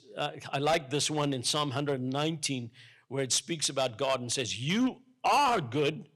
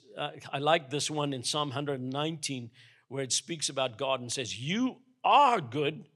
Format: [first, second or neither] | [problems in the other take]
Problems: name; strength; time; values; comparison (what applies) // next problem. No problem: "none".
second | distortion; heavy; 5% of the sound clipped